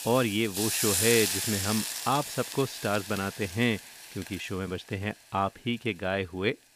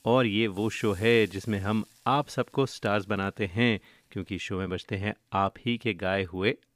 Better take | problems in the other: second | hiss; loud; throughout; as loud as the speech; faint in the second

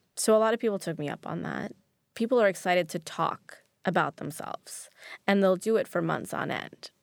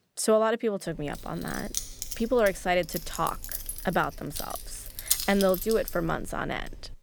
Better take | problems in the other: first | jangling keys; loud; from 1 s on; peak 2 dB above the speech

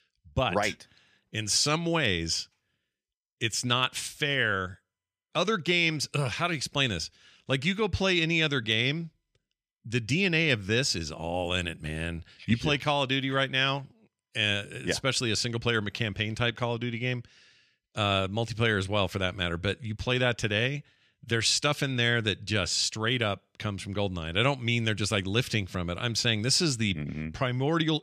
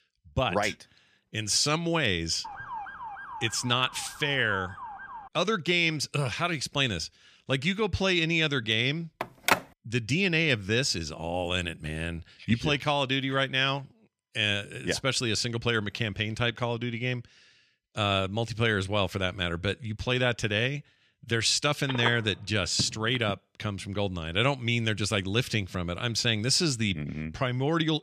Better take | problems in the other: first | siren; faint; from 2.5 to 5.5 s; peak 10 dB below the speech // phone ringing; loud; at 9 s; peak 1 dB above the speech // phone ringing; noticeable; from 22 to 23 s; peak 6 dB below the speech

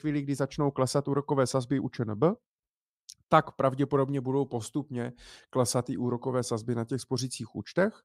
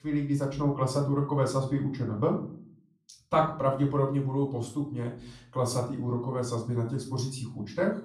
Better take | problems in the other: first | off-mic speech; far // room echo; slight; dies away in 0.4 s

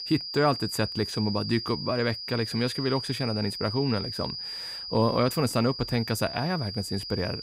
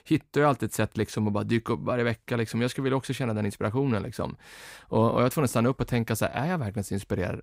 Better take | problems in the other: second | high-pitched whine; loud; throughout; 5 kHz, 6 dB below the speech

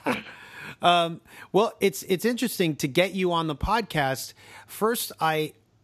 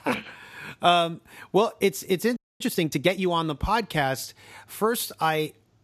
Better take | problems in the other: first | audio freezing; at 2.5 s

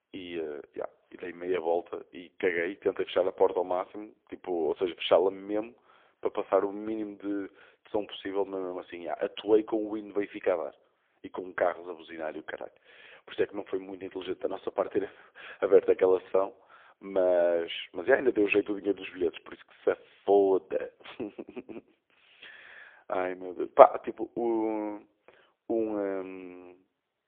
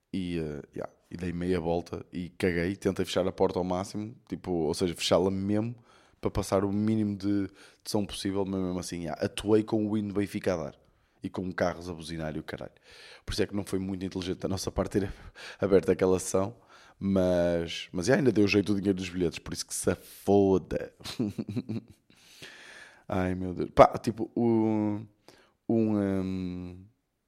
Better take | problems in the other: second | phone-call audio; poor line

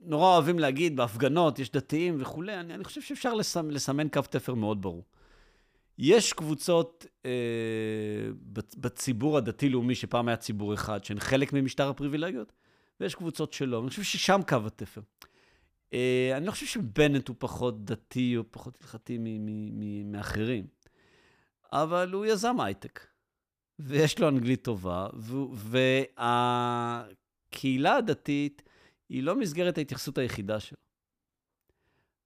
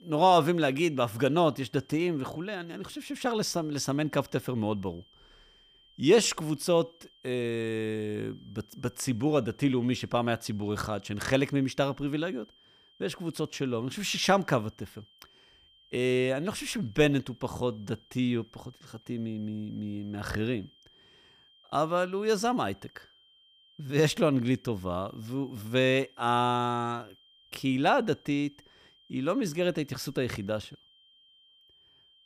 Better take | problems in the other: first | high-pitched whine; faint; throughout; 3 kHz, 30 dB below the speech

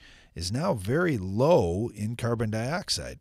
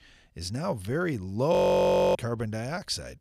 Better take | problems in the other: first | audio freezing; at 1.5 s for 0.5 s

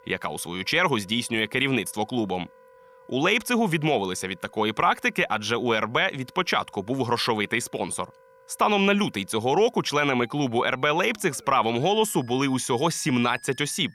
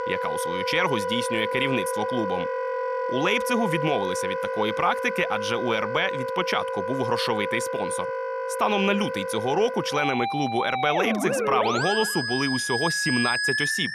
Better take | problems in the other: first | background music; loud; throughout; 1 dB below the speech; faint in the first

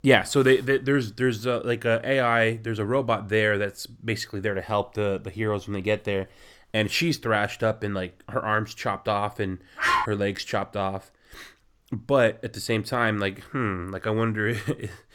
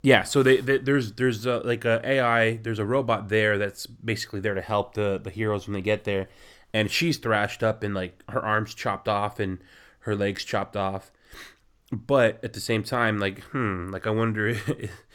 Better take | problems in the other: second | dog barking; loud; at 10 s; peak 2 dB above the speech

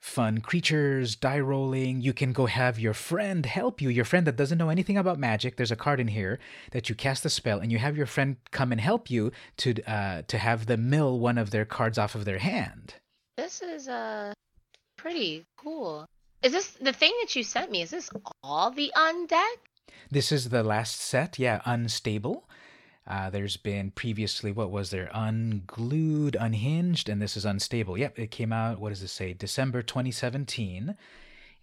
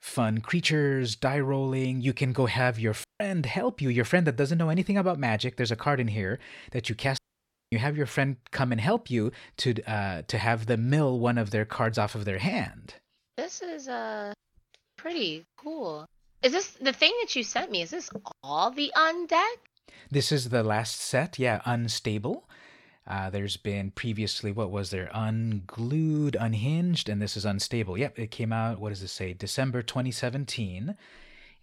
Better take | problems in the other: first | audio cutting out; at 3 s and at 7 s for 0.5 s

